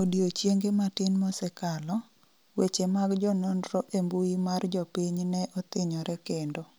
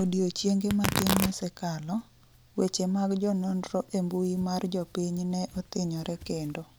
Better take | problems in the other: first | background sound (Tearing); 9 dB below the speech

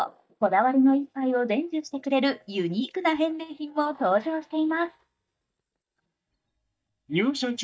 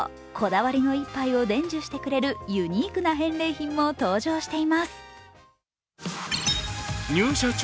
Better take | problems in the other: second | noise reduction (neural mask model DeepFilterNet 3)

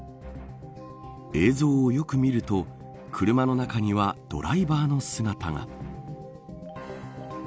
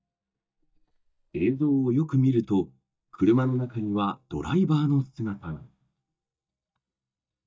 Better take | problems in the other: first | noise reduction (neural mask model DeepFilterNet 3)

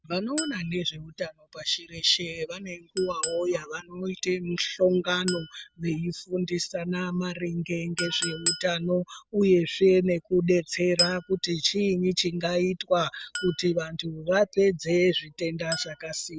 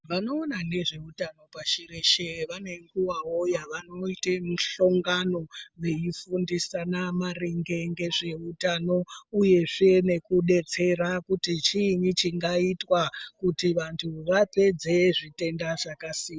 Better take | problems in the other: second | background sound (Chink, clink); 12 dB below the speech

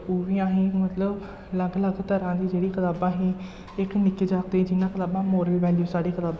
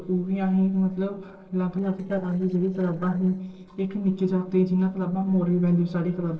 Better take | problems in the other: first | noise reduction (neural separator model SepFormer DNS4)

